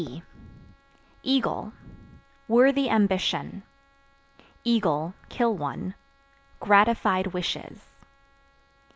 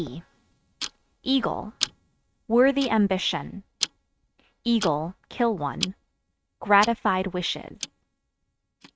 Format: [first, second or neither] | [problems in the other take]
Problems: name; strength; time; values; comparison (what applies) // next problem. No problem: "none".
first | noise reduction (neural mask model RNNoise)